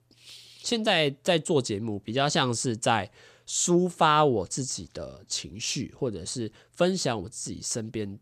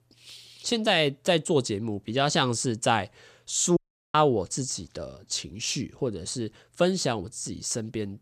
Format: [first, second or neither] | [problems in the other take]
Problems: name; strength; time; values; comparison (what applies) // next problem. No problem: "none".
first | audio cutting out; at 4 s